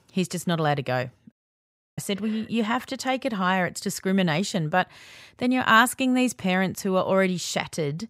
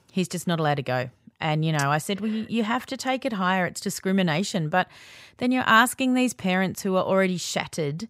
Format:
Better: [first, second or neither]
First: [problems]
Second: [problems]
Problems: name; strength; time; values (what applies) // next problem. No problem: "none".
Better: second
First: audio cutting out; at 1.5 s for 0.5 s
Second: none